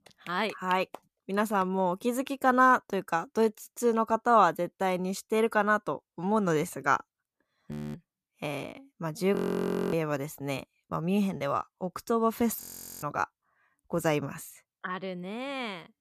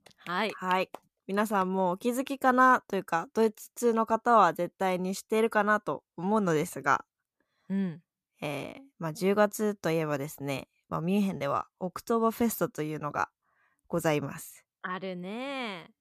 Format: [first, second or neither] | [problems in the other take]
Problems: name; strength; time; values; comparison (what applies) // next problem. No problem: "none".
second | audio freezing; at 7.5 s, at 9.5 s for 0.5 s and at 13 s